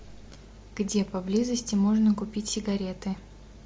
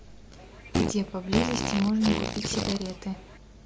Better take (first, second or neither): first